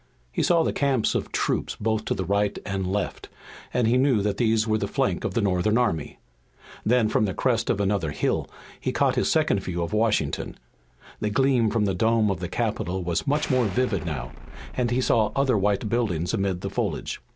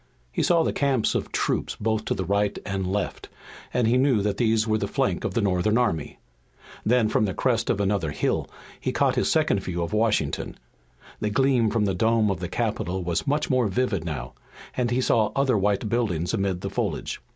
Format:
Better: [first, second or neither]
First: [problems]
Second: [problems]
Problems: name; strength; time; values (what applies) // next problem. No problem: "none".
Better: second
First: background sound (Explosion); 14 dB below the speech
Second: none